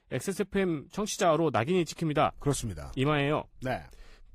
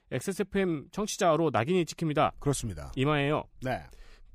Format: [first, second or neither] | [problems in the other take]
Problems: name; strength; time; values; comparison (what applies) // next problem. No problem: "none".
second | garbled, watery; slightly; nothing above 15 kHz